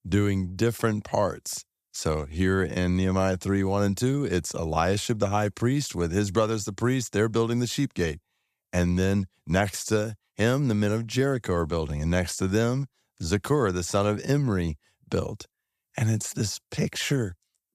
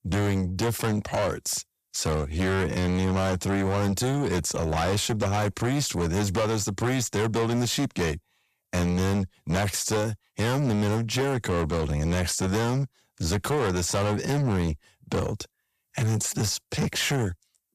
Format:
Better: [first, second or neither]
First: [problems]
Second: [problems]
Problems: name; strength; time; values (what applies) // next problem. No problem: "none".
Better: first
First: none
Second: distortion; heavy; 7 dB below the speech